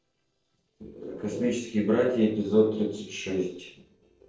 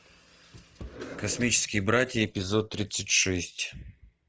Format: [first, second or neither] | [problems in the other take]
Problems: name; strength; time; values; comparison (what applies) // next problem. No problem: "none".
second | noise reduction (neural separator model SepFormer DNS4)